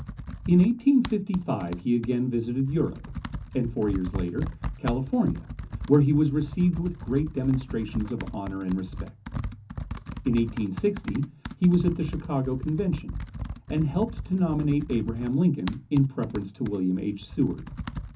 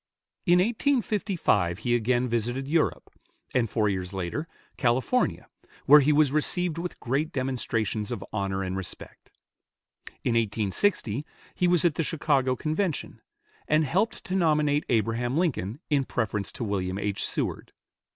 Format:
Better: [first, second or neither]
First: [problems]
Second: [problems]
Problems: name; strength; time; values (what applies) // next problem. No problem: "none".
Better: second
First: background sound (Computer keyboard); 10 dB below the speech // room echo; dies away in 0.3 s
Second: none